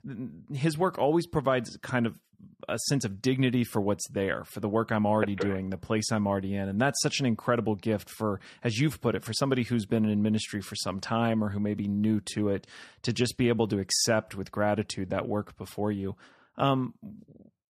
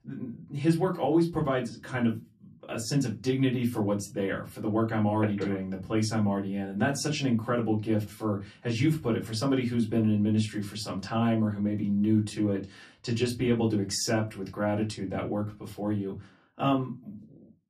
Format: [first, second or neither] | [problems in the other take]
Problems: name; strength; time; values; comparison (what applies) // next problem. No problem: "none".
first | off-mic speech; far // room echo; very slight; dies away in 0.2 s